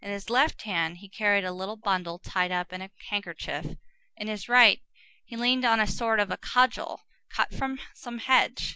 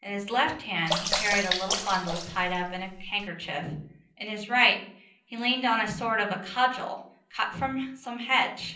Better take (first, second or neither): first